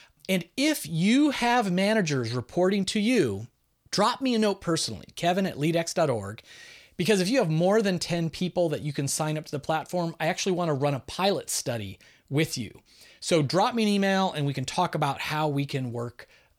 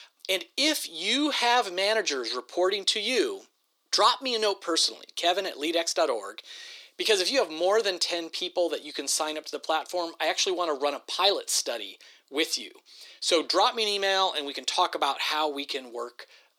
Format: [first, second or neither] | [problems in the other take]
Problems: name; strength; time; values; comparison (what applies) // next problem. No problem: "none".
first | thin; very; fading below 300 Hz